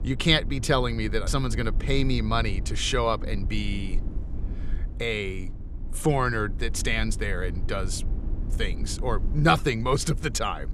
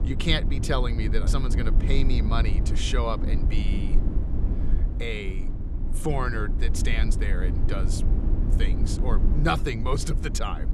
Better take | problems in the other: first | low rumble; loud; throughout; 9 dB below the speech; faint in the first

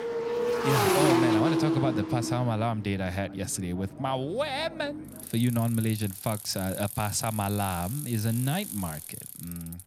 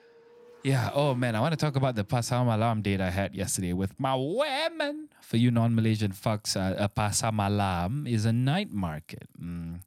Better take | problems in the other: second | traffic noise; loud; throughout; as loud as the speech; faint in the second

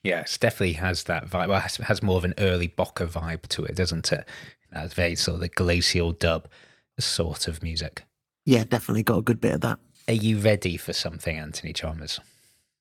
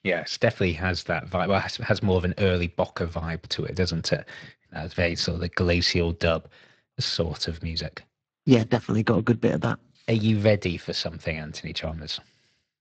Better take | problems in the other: first | garbled, watery; slightly

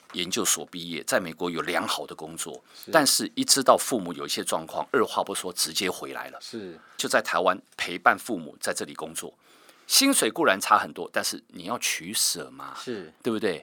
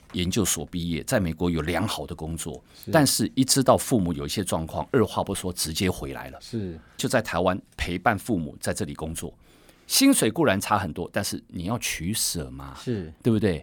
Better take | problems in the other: second | thin; somewhat; fading below 350 Hz

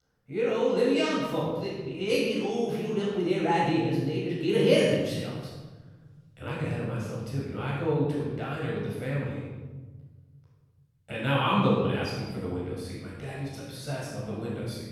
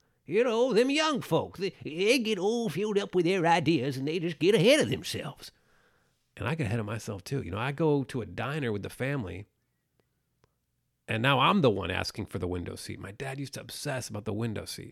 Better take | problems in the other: second | off-mic speech; far // room echo; strong; dies away in 1.5 s

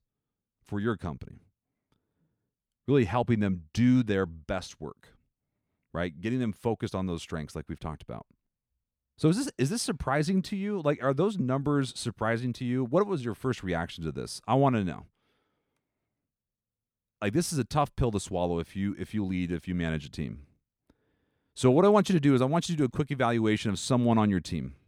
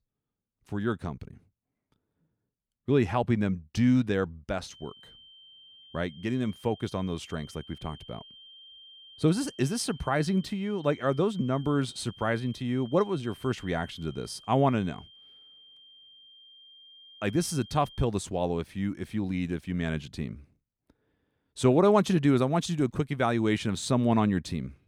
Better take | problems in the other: first | high-pitched whine; faint; from 4.5 to 18 s; 3 kHz, 20 dB below the speech

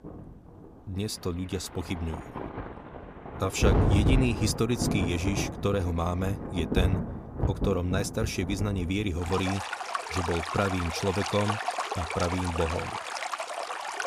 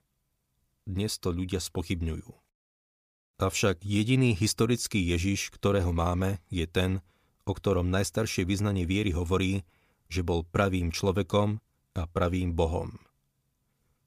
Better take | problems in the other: second | rain or running water; loud; throughout; 2 dB below the speech

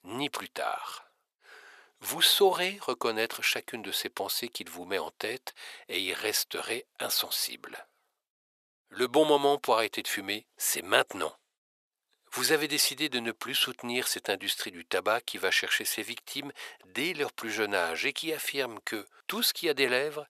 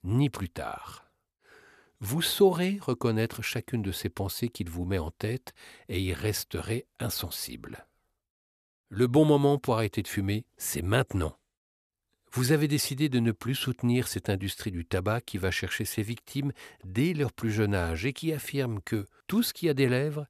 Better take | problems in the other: second | thin; very; fading below 650 Hz

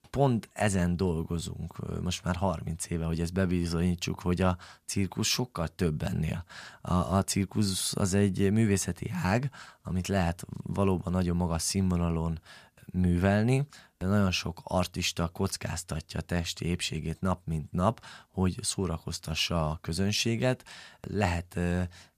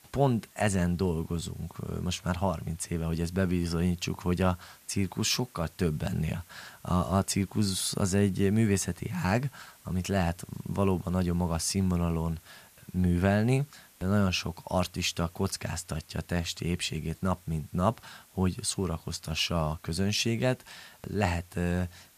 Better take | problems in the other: first | hiss; faint; throughout; 25 dB below the speech

